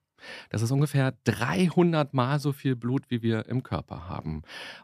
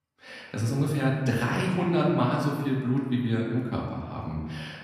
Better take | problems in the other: first | room echo; noticeable; dies away in 1.3 s // off-mic speech; far

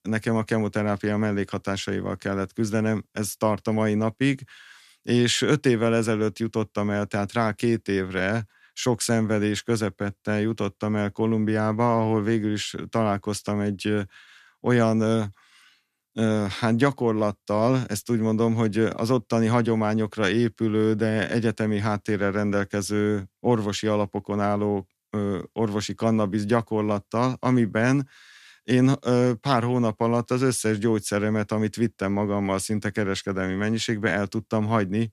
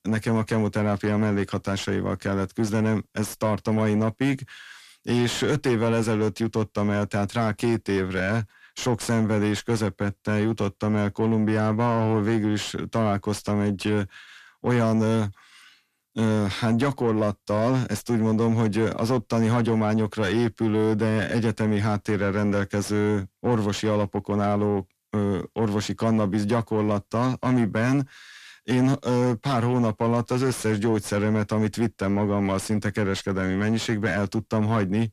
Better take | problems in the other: first | distortion; slight; 10 dB below the speech

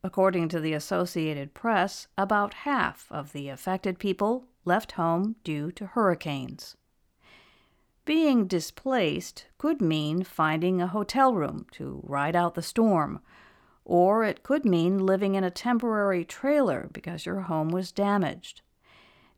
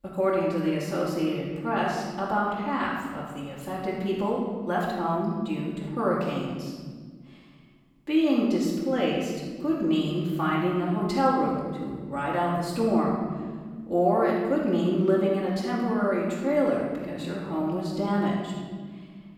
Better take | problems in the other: first | room echo; noticeable; dies away in 1.6 s // off-mic speech; far

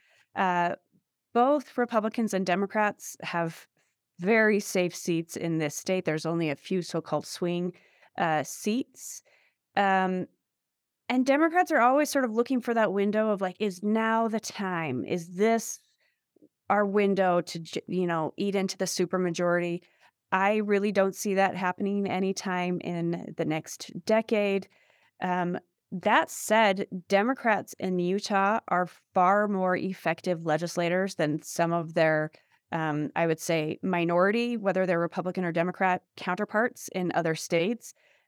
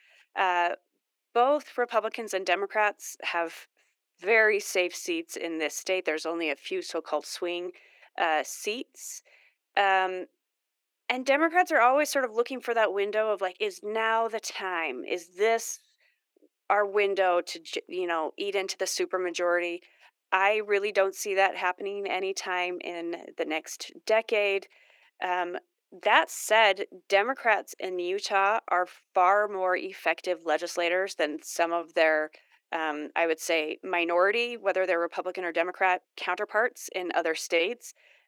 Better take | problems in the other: first | thin; very; fading below 350 Hz

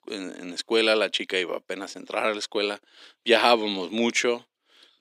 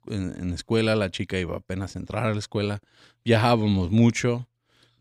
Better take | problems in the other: second | thin; somewhat; fading below 300 Hz

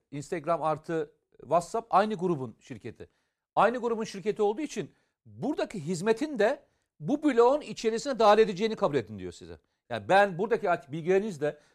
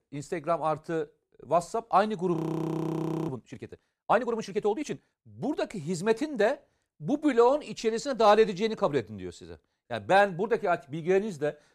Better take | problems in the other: first | audio freezing; at 2.5 s for 1 s

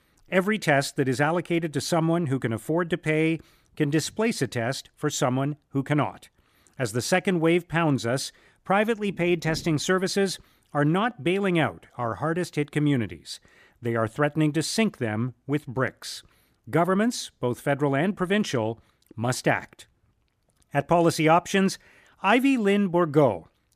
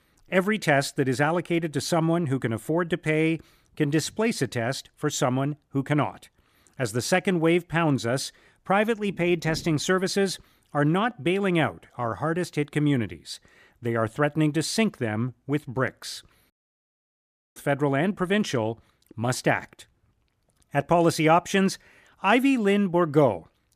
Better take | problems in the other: first | audio cutting out; at 17 s for 1 s

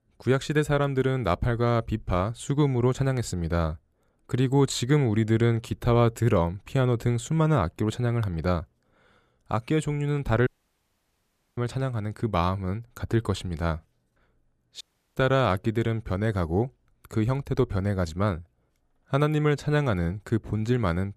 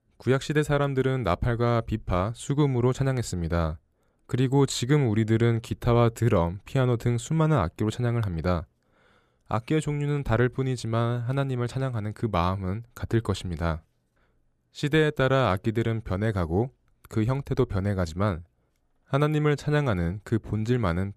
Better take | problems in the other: second | audio cutting out; at 10 s for 1 s and at 15 s

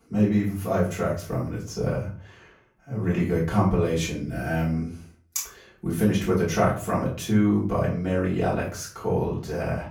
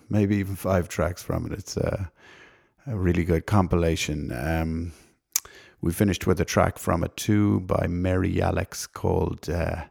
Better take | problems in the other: second | room echo; slight; dies away in 0.3 s // off-mic speech; far

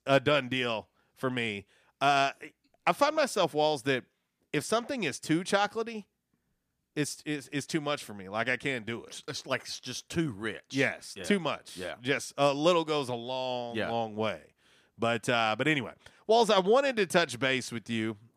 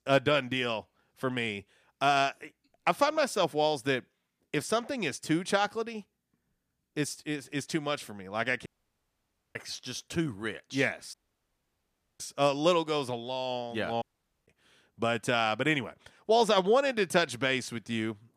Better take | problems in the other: first | audio cutting out; at 8.5 s for 1 s, at 11 s for 1 s and at 14 s

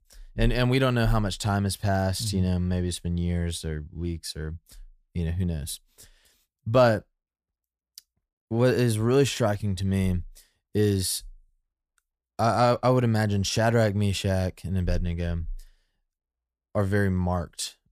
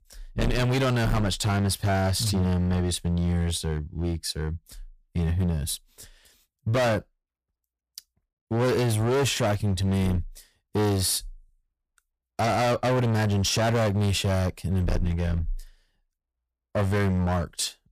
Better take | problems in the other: first | distortion; heavy; 19% of the sound clipped

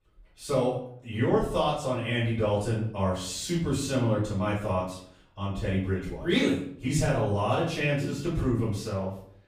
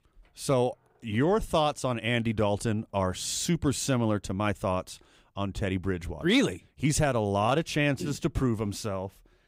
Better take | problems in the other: second | off-mic speech; far // room echo; noticeable; dies away in 0.5 s

